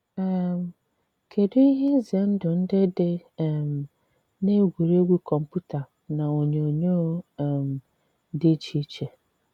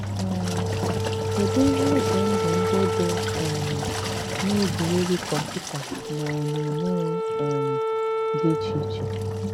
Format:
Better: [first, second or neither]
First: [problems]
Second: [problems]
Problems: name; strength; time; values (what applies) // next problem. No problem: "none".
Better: first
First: none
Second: background sound (Wind instrument, woodwind instrument + Engine); 2 dB above the speech